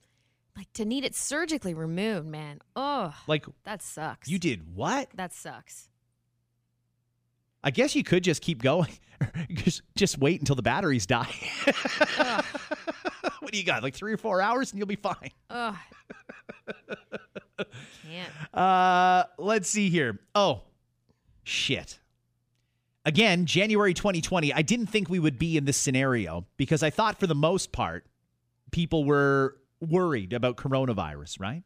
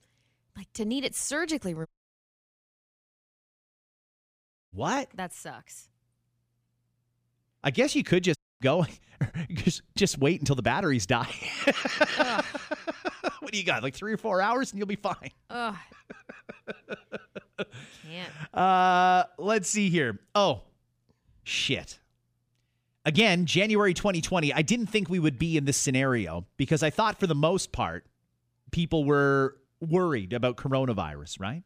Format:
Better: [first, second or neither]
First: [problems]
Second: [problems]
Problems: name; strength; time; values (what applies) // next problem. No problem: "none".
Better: first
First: none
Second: audio cutting out; at 2 s for 3 s and at 8.5 s